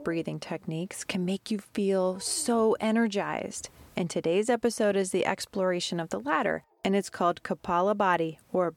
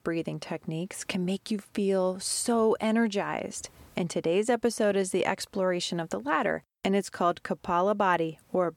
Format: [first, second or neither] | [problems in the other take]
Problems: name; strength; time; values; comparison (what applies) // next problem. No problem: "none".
second | animal sounds; faint; throughout; 30 dB below the speech